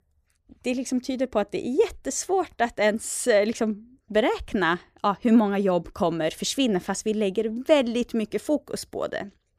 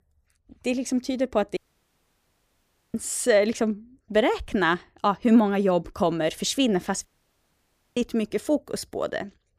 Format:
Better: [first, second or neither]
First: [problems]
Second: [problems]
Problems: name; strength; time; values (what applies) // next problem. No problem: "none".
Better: first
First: none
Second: audio cutting out; at 1.5 s for 1.5 s and at 7 s for 1 s